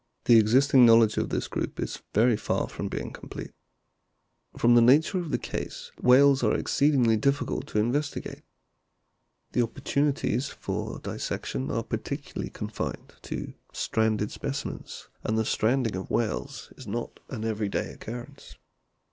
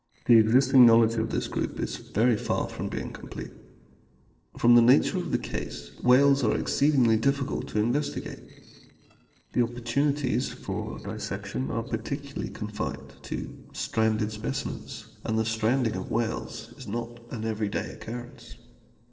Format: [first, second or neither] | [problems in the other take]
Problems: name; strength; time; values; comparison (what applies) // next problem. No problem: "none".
first | noise reduction (neural separator model SepFormer DNS4)